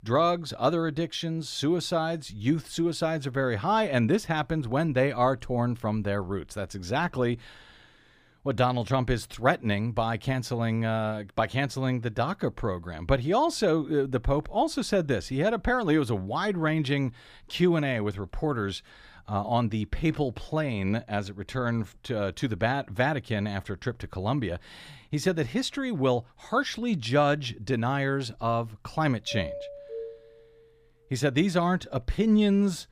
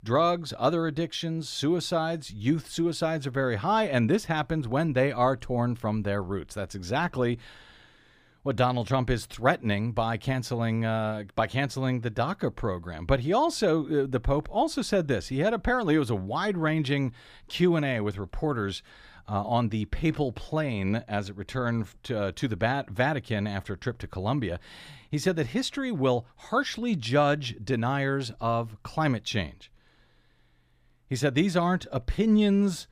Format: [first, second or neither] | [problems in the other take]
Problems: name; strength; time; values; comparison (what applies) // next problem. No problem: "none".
second | doorbell; noticeable; from 29 to 30 s; peak 8 dB below the speech